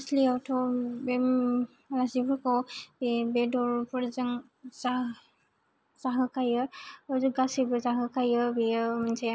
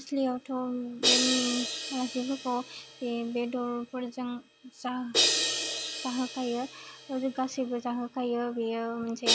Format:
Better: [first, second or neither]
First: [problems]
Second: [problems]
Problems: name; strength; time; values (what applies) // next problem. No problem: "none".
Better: first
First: none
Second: background sound (Crash cymbal); 1 dB below the speech